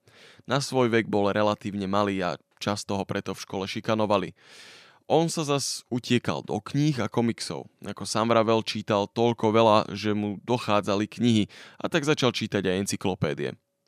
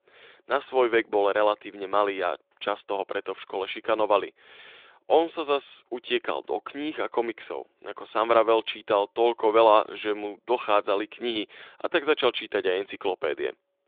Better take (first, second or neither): first